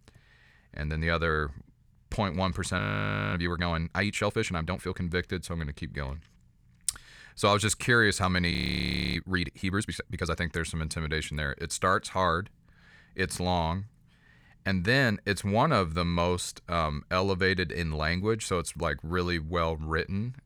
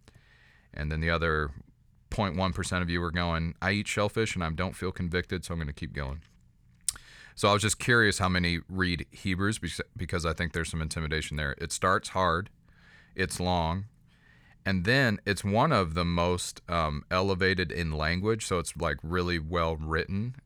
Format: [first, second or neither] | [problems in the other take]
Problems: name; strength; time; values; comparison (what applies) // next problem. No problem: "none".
second | audio freezing; at 3 s for 0.5 s and at 8.5 s for 0.5 s